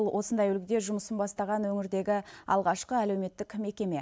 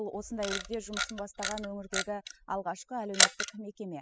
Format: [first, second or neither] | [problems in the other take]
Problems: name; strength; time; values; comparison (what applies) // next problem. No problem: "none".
first | noise reduction (classical method spectral subtraction)